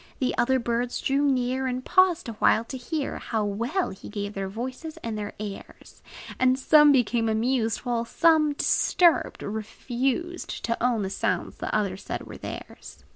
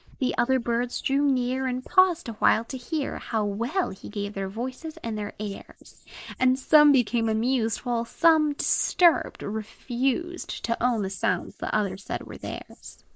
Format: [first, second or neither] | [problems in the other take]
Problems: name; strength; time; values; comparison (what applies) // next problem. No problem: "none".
first | noise reduction (neural mask model Resemble Enhance denoiser)